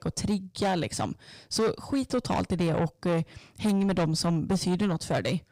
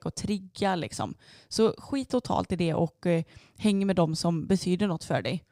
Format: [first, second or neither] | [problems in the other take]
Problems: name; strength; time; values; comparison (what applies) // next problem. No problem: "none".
second | distortion; heavy; 8 dB below the speech